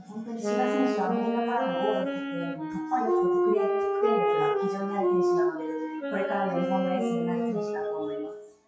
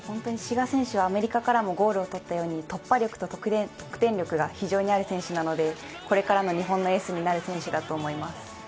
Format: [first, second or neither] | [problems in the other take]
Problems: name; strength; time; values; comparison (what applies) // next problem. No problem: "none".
second | noise reduction (classical method WPE with log-MMSE)